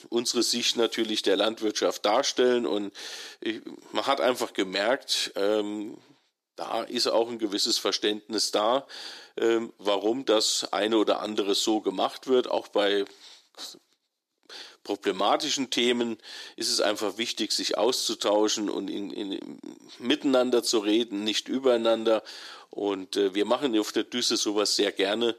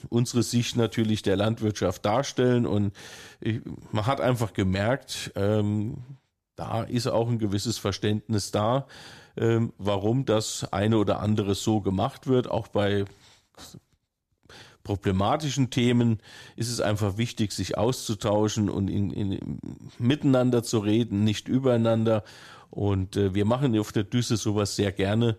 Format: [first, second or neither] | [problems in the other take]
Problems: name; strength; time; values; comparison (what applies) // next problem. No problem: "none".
second | thin; somewhat; fading below 300 Hz